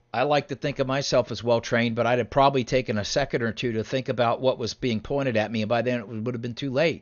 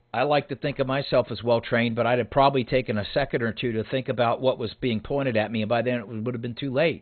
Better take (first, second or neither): first